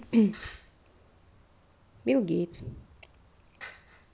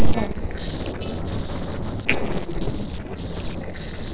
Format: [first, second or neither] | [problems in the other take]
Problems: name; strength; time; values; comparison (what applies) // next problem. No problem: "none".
first | noise reduction (neural separator model SepFormer DNS4)